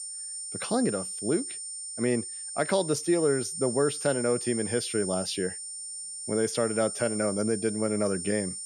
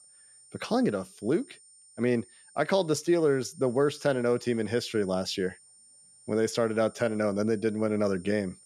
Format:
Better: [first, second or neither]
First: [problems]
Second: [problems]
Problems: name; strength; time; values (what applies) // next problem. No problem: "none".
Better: second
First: high-pitched whine; loud; throughout; 9 kHz, 5 dB below the speech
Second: high-pitched whine; faint; throughout; 9 kHz, 25 dB below the speech